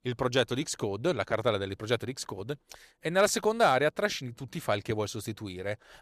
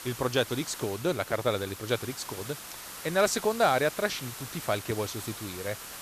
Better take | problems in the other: first | hiss; noticeable; throughout; 10 dB below the speech

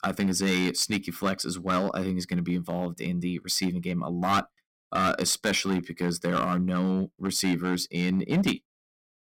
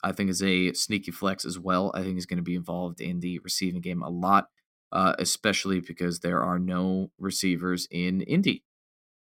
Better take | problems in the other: second | distortion; slight; 5% of the sound clipped

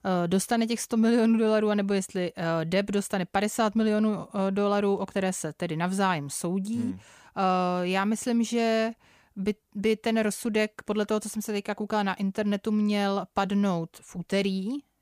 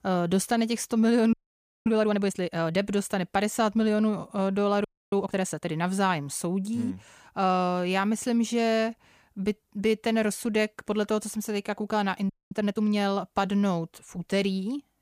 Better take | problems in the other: first | audio freezing; at 1.5 s for 0.5 s, at 5 s and at 12 s

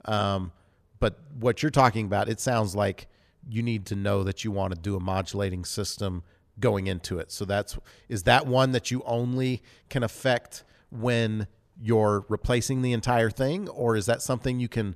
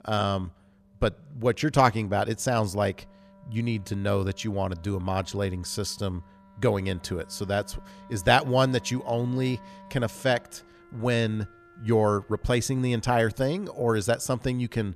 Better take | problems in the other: first | background music; faint; throughout; 25 dB below the speech

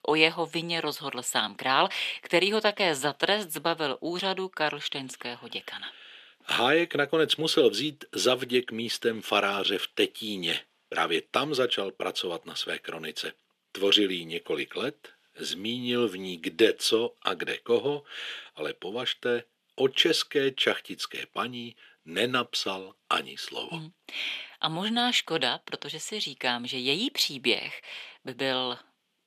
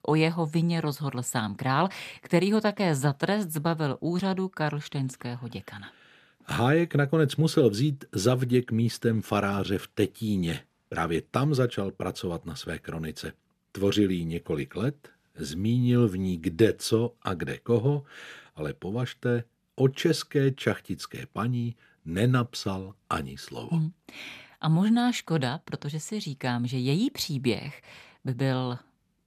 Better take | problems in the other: second | thin; somewhat; fading below 400 Hz

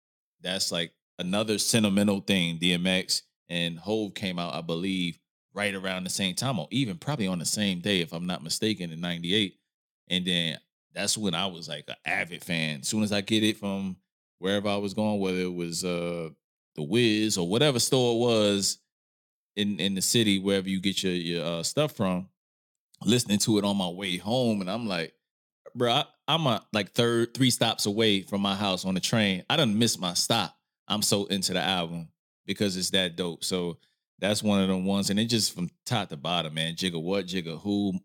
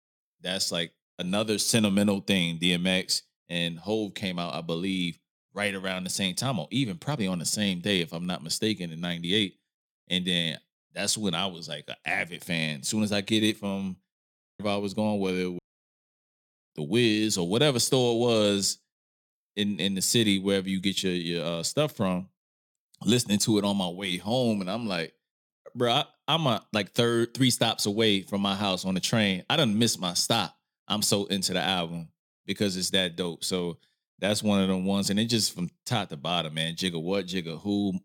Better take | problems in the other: first | audio cutting out; at 14 s and at 16 s for 1 s

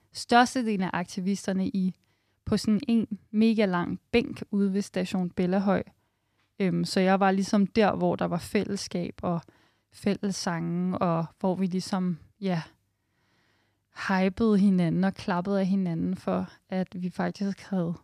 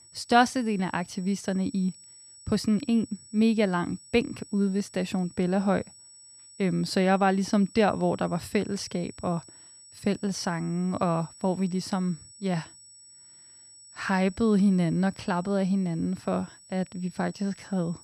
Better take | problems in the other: first | high-pitched whine; faint; throughout; 8 kHz, 20 dB below the speech

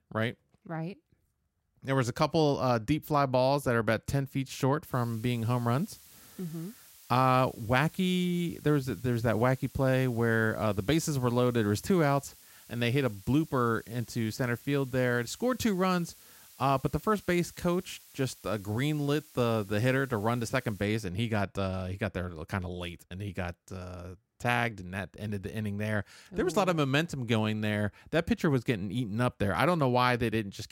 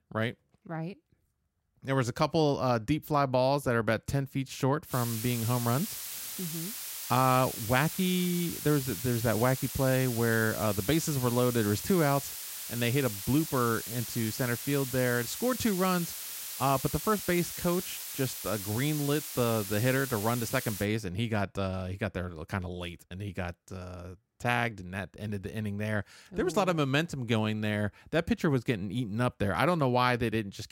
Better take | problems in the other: first | hiss; loud; from 5 to 21 s; 7 dB below the speech; faint in the first

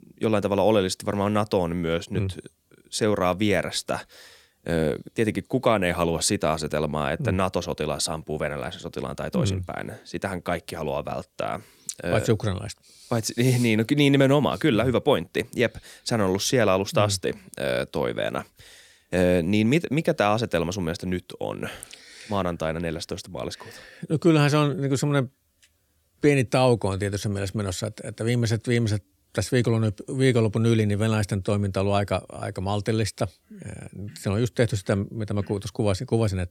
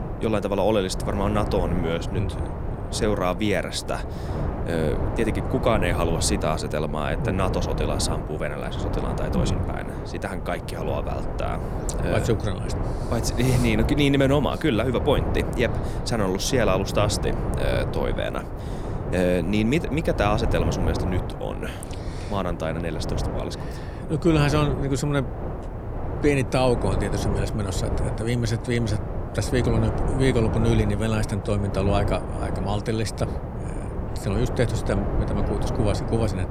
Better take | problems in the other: first | wind noise on the microphone; heavy; 7 dB below the speech

